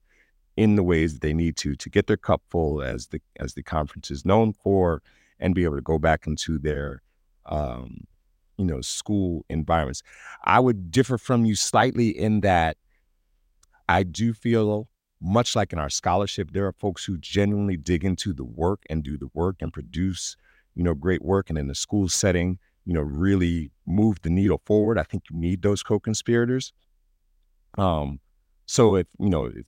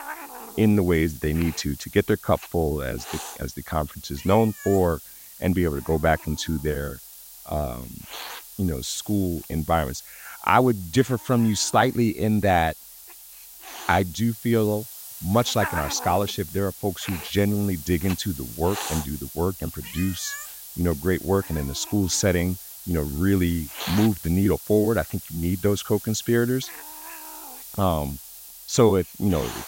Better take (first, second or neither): first